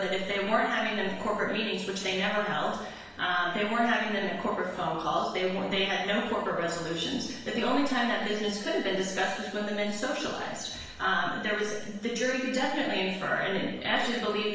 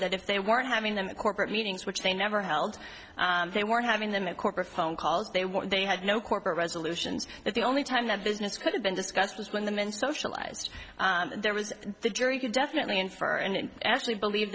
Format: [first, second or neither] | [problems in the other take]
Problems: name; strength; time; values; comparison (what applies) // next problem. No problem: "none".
second | room echo; dies away in 1 s